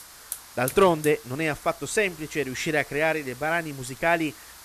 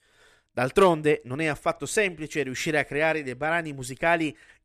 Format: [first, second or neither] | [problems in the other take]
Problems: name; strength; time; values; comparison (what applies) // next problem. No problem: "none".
second | hiss; noticeable; throughout; 15 dB below the speech